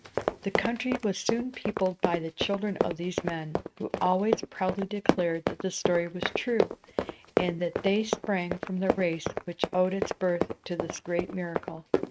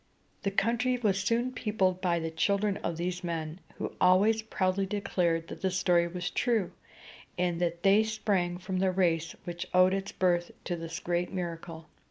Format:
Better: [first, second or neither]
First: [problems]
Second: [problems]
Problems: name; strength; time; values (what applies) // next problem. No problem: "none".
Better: second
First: noise reduction (neural mask model RNNoise)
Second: none